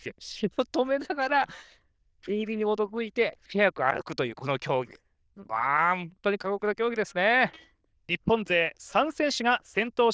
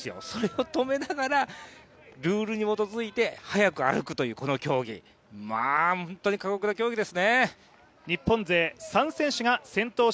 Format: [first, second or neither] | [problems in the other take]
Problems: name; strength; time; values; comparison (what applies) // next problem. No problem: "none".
second | noise reduction (neural diffusion model UNIVERSE++)